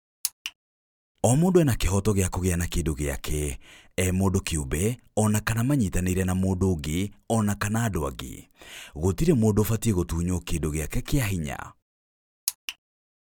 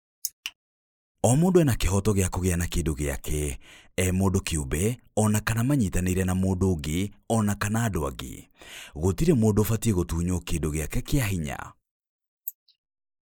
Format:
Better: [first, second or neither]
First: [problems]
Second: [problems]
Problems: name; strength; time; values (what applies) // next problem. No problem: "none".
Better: first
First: none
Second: noise reduction (neural mask model Resemble Enhance denoiser)